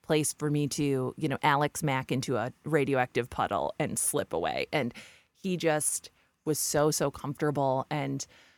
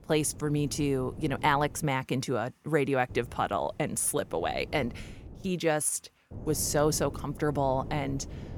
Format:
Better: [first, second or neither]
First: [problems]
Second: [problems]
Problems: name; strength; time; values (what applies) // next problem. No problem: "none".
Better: first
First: none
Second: wind noise on the microphone; occasional gusts; until 2 s, from 3 to 5.5 s and from 6.5 s on; 20 dB below the speech